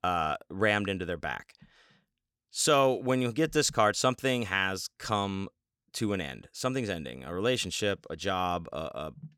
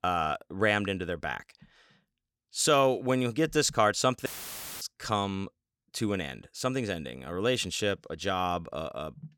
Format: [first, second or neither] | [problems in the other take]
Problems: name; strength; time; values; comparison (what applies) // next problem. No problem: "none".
first | audio cutting out; filled with static; at 4.5 s for 0.5 s